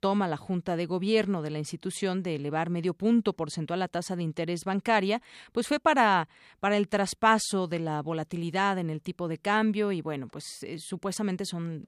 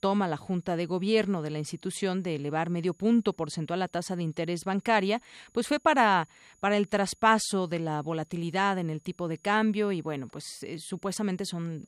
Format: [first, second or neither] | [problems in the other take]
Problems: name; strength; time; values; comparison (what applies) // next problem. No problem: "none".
first | high-pitched whine; faint; throughout; 7 kHz, 35 dB below the speech